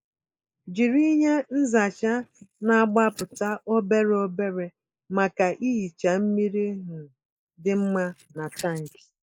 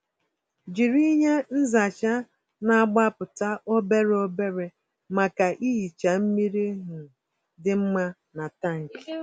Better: second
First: noise reduction (neural mask model Resemble Enhance denoiser)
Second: none

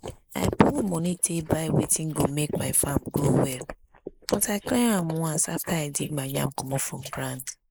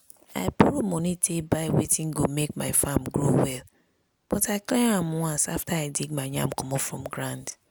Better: second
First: noise reduction (neural mask model Resemble Enhance denoiser)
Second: none

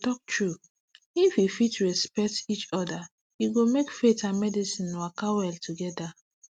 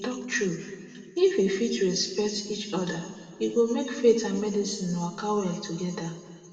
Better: first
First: none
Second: room echo; dies away in 1.9 s

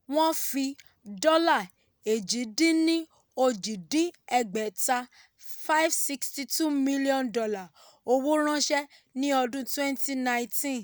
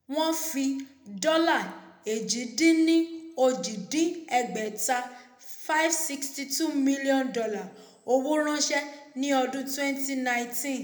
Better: first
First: none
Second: room echo; dies away in 0.7 s

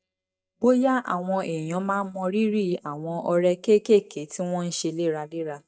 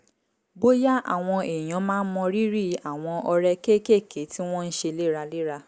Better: second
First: noise reduction (neural mask model DeepFilterNet 3)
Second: none

